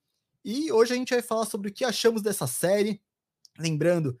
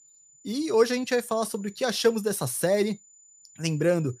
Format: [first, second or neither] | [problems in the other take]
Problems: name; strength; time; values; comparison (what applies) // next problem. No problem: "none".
first | high-pitched whine; faint; throughout; 7 kHz, 25 dB below the speech